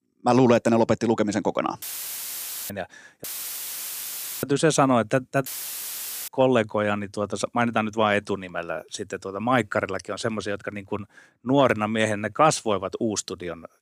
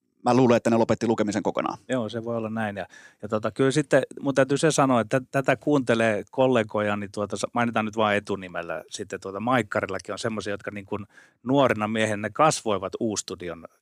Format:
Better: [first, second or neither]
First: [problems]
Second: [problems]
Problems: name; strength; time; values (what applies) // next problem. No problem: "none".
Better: second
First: audio cutting out; filled with static; at 2 s for 1 s, at 3 s for 1 s and at 5.5 s for 1 s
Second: none